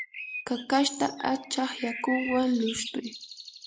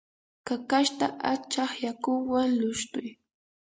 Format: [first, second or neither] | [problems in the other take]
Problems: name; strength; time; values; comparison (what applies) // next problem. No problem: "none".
second | background sound (Bird); 11 dB below the speech